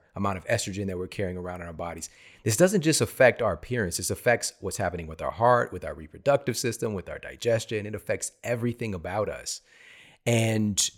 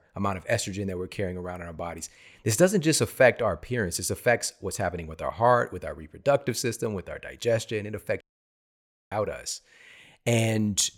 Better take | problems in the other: first | audio cutting out; at 8 s for 1 s

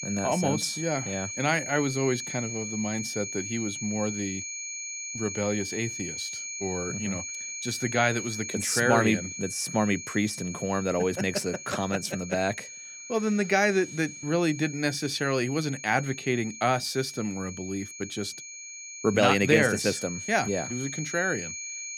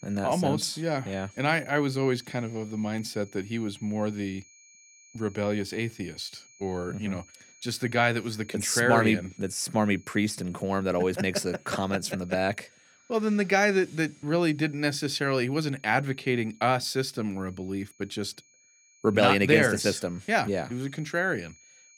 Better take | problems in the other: second | high-pitched whine; loud; throughout; 6.5 kHz, 8 dB below the speech; faint in the second

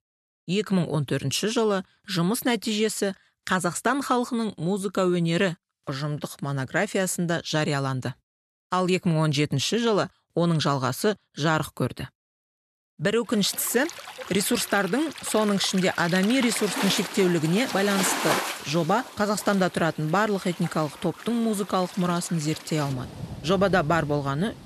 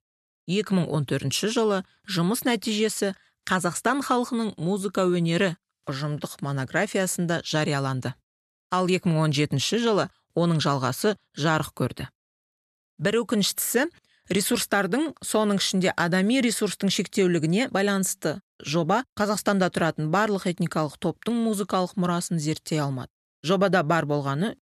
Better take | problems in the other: second | rain or running water; loud; from 13 s on; 8 dB below the speech

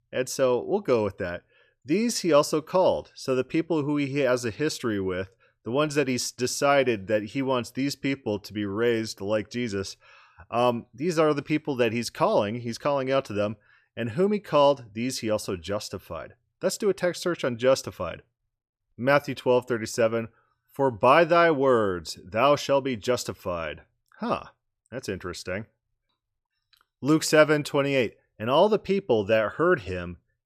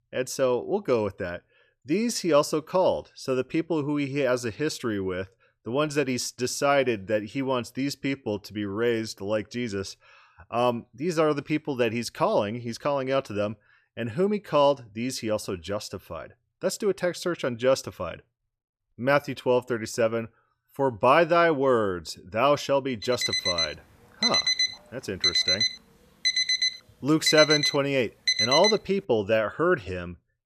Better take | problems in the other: first | alarm; loud; from 23 to 29 s; peak 6 dB above the speech

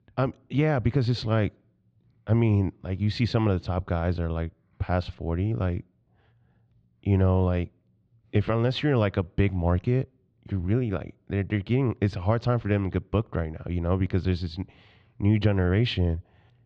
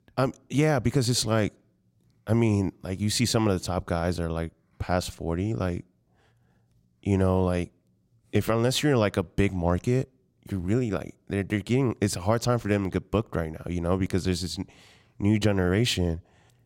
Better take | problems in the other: second | muffled; slightly; fading above 3.5 kHz

